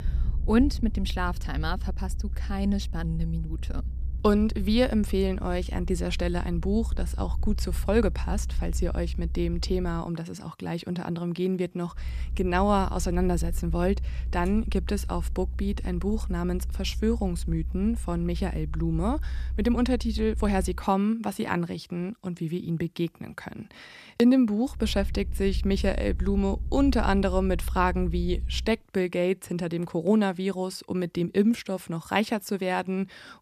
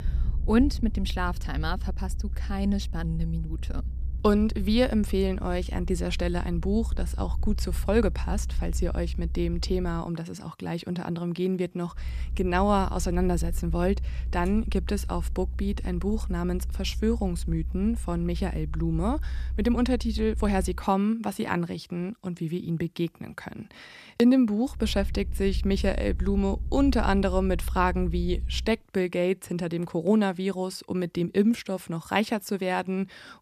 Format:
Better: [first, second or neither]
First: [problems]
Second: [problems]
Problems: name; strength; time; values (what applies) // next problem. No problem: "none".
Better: neither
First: low rumble; faint; until 10 s, from 12 to 21 s and from 25 to 29 s; 20 dB below the speech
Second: low rumble; faint; until 10 s, from 12 to 21 s and from 25 to 29 s; 20 dB below the speech